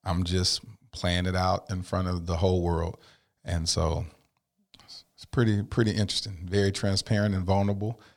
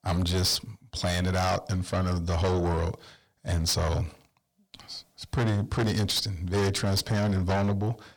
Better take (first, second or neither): first